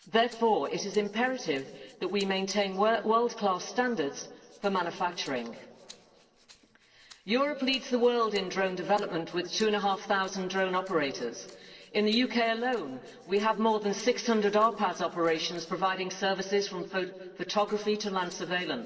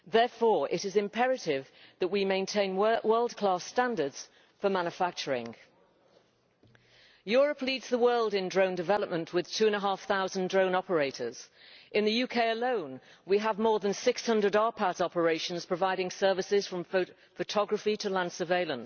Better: second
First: noise reduction (neural separator model SepFormer DNS4)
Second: none

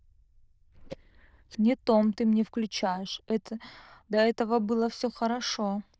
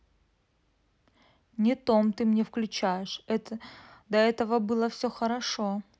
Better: second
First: noise reduction (neural diffusion model UNIVERSE++)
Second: none

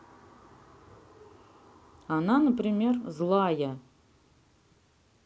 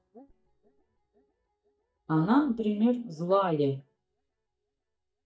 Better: first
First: none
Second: noise reduction (neural mask model DeepFilterNet 3)

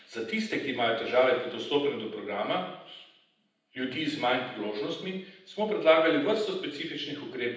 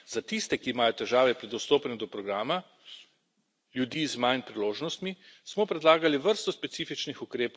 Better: second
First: room echo; dies away in 0.9 s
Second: none

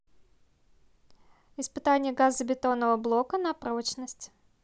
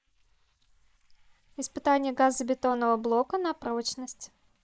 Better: first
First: none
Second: noise reduction (neural mask model Resemble Enhance denoiser)

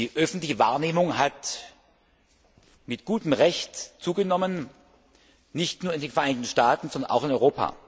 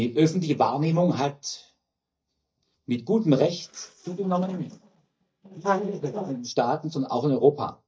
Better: first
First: none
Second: noise reduction (neural mask model DeepFilterNet 3)

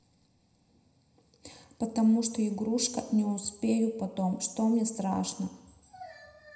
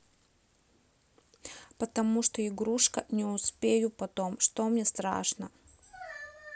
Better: second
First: room echo; dies away in 0.9 s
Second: none

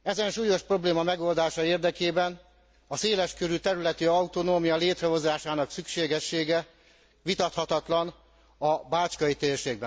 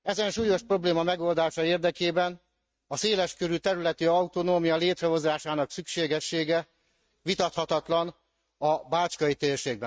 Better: first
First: none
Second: noise reduction (neural mask model RNNoise)

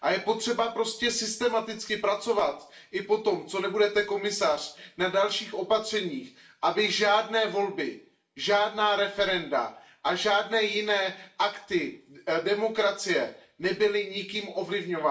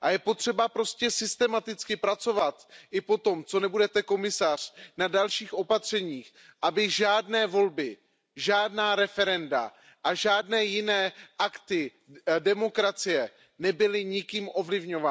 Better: second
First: room echo; dies away in 0.4 s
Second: none

